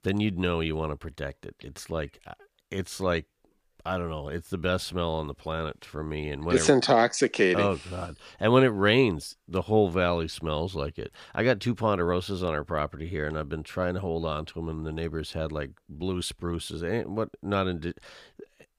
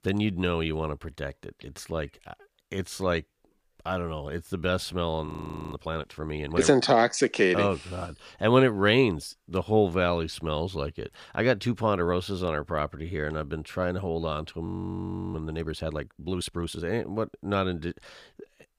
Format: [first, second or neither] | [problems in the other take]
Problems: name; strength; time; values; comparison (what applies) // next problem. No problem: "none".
first | audio freezing; at 5.5 s and at 15 s for 0.5 s